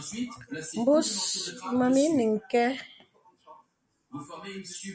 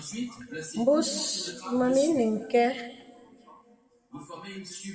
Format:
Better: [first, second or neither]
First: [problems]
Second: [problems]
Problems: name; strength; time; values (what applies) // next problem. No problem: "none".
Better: first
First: none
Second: room echo; dies away in 1.5 s